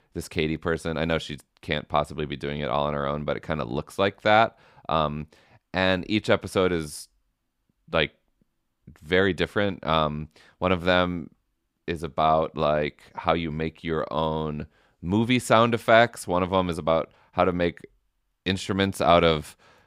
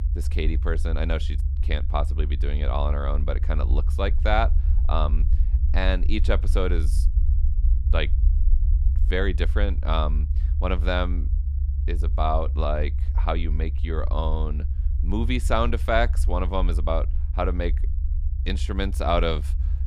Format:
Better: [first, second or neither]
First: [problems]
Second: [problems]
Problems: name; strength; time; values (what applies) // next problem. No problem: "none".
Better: first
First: none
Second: low rumble; noticeable; throughout; 15 dB below the speech